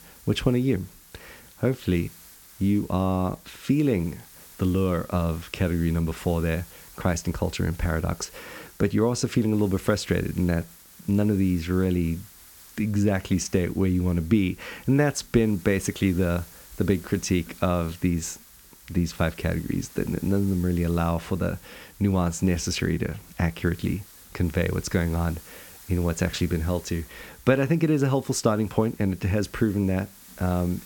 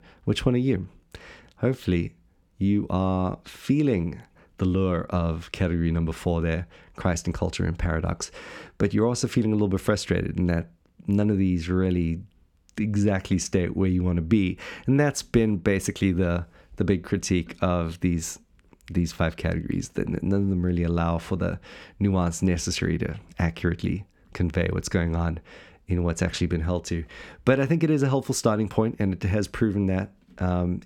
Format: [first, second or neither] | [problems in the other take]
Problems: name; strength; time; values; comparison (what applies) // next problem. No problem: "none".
second | hiss; faint; throughout; 20 dB below the speech